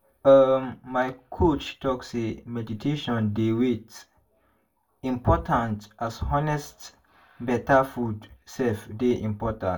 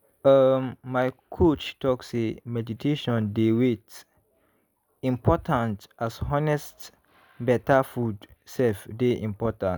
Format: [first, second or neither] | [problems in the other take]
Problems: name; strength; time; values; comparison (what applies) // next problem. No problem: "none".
second | room echo; dies away in 0.2 s